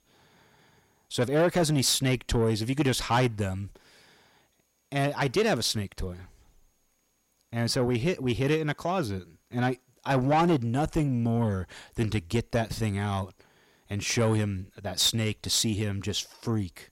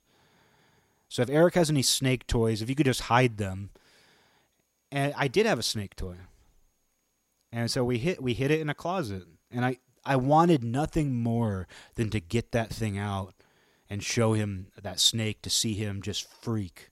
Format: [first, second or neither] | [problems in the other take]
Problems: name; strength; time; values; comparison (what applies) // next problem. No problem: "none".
second | distortion; slight; 10 dB below the speech